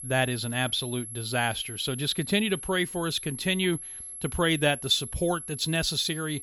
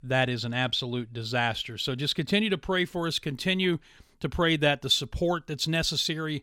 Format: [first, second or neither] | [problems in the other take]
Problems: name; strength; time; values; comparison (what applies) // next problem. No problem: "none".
second | high-pitched whine; loud; throughout; 11 kHz, 10 dB below the speech